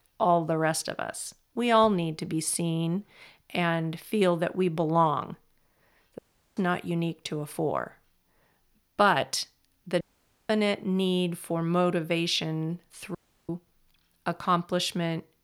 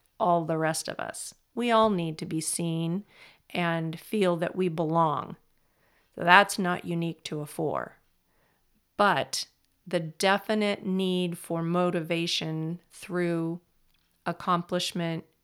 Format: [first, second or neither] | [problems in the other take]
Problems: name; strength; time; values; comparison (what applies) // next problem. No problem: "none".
second | audio cutting out; at 6 s, at 10 s and at 13 s